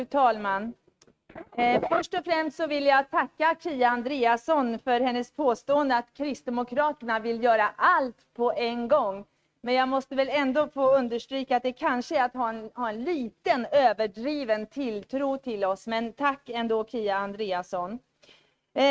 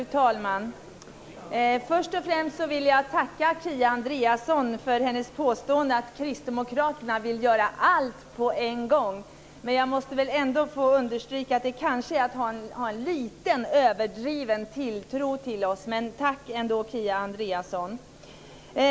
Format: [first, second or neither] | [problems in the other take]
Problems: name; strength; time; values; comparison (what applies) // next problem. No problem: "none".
second | noise reduction (neural mask model RNNoise)